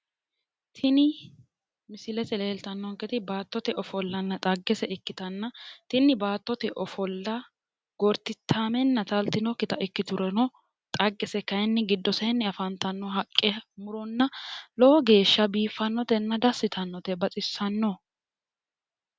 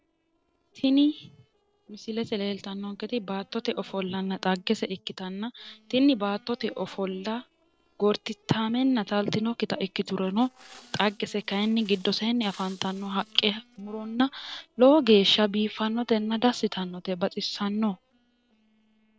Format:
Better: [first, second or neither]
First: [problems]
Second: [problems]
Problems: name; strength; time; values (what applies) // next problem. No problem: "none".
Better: first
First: none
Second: noise reduction (neural separator model SepFormer DNS4)